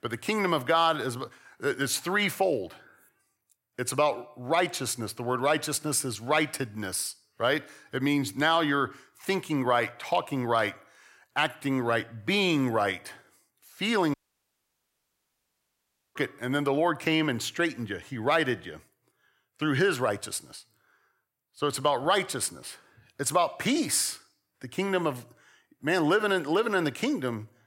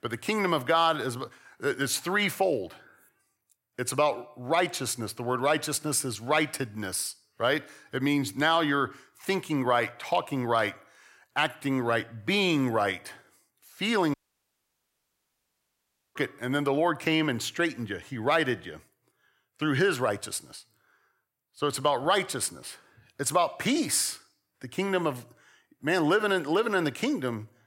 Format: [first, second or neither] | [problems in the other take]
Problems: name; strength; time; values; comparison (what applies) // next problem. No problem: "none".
neither | audio cutting out; at 14 s for 2 s; the same in both